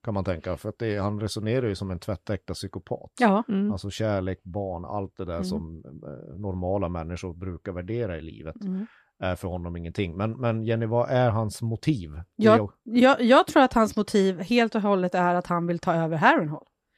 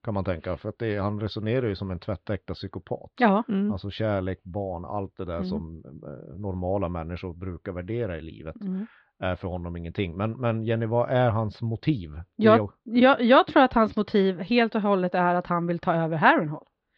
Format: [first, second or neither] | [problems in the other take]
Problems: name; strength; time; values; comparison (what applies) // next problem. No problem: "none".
first | muffled; very slightly; fading above 4 kHz